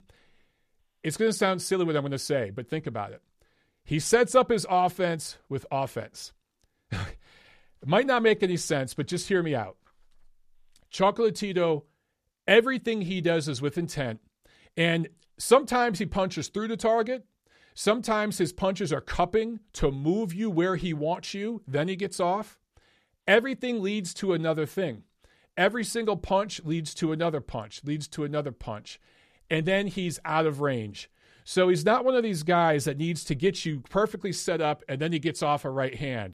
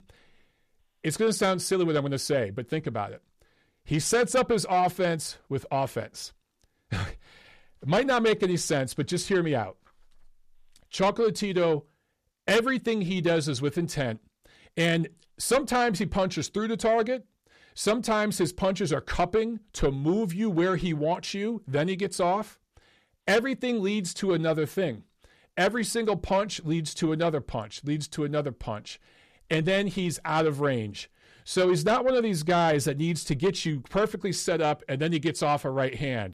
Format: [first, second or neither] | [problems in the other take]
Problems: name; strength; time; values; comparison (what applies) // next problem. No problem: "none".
first | distortion; slight; 10 dB below the speech